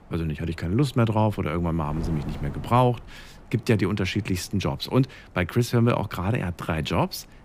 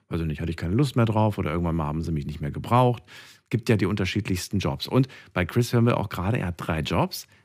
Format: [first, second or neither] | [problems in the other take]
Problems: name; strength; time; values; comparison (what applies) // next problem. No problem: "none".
second | wind noise on the microphone; occasional gusts; 20 dB below the speech